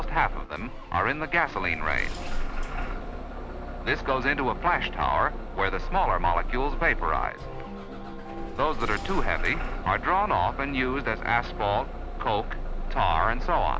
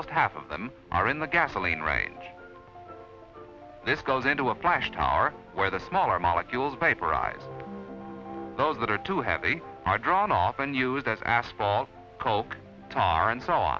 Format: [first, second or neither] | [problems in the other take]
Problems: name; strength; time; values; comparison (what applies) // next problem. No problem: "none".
second | background sound (Engine starting / Bus); 3 dB below the speech